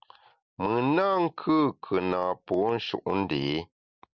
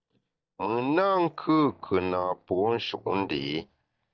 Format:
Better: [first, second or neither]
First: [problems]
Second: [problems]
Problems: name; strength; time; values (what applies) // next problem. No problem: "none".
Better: first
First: none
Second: noise reduction (neural mask model DeepFilterNet 3)